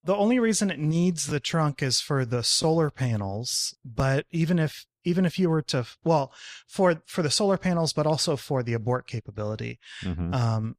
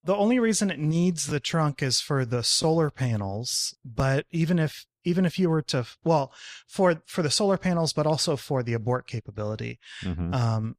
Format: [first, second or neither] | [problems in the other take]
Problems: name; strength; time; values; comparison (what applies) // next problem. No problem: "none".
neither | none